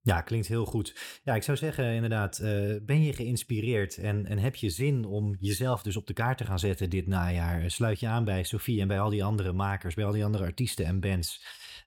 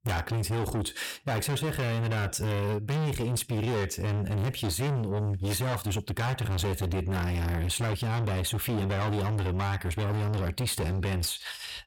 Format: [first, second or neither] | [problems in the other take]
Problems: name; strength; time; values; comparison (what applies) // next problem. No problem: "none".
first | distortion; heavy; 7 dB below the speech